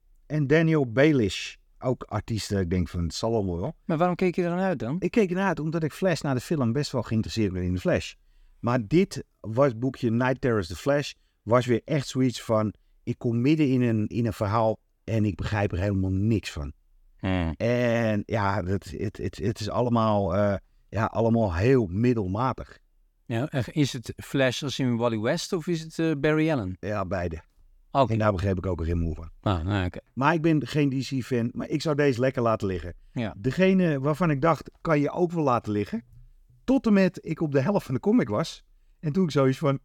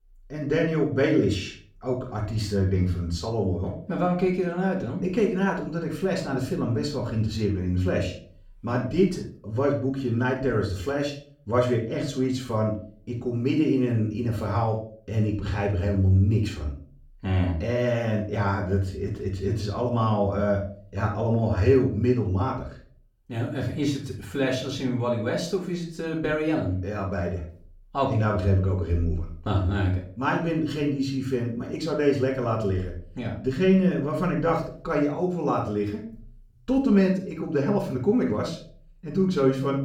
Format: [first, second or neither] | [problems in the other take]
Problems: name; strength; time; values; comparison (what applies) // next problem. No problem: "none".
first | room echo; slight; dies away in 0.4 s // off-mic speech; far